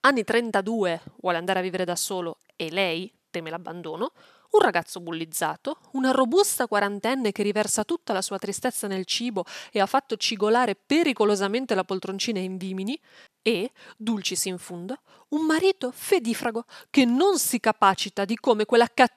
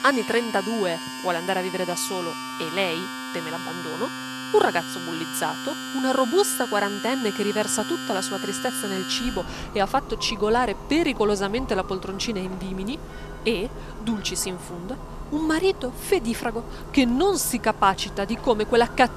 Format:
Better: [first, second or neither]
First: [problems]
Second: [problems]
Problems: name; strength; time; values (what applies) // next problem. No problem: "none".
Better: first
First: none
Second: household noises; loud; throughout; 9 dB below the speech